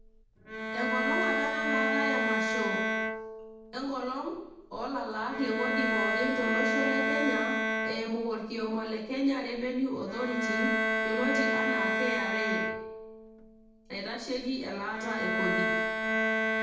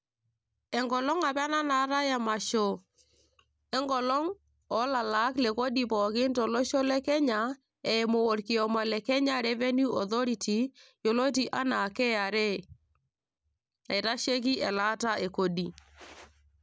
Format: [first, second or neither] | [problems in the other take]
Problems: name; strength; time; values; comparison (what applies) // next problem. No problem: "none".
second | background sound (Bowed string instrument); 3 dB above the speech // room echo; dies away in 0.8 s